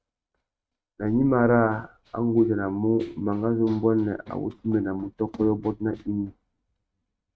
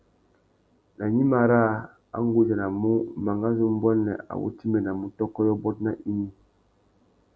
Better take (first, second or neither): second